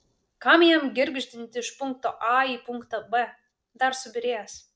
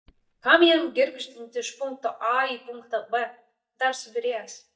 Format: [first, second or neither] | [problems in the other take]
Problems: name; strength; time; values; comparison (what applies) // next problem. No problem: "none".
first | noise reduction (neural mask model DeepFilterNet 3)